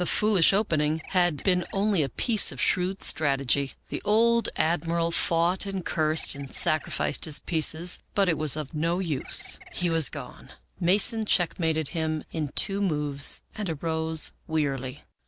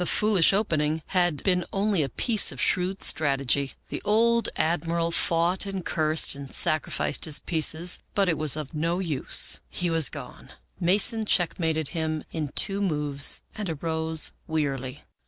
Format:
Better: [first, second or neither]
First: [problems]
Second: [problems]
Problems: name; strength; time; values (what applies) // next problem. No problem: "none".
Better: second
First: background sound (Bird); 19 dB below the speech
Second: none